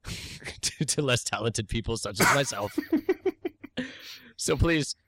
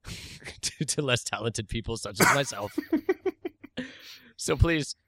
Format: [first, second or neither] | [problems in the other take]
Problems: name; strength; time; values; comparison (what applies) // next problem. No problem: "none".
second | distortion; slight; 10 dB below the speech